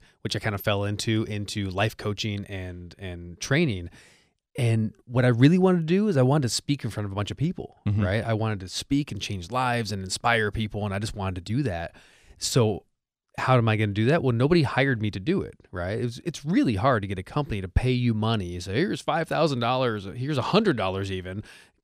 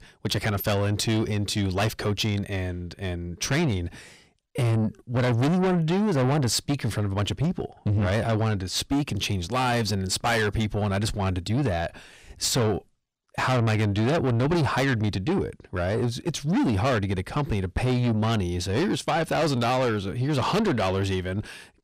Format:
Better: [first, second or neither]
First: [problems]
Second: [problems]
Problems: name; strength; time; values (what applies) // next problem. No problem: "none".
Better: first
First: none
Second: distortion; heavy; 6 dB below the speech